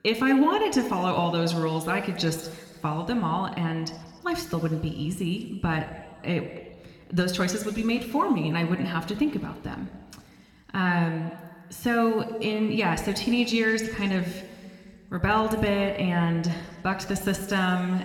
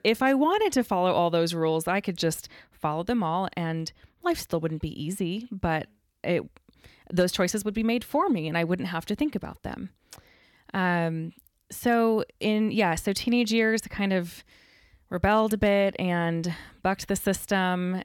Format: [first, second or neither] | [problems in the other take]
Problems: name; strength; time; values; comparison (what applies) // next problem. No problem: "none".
second | room echo; slight; dies away in 2 s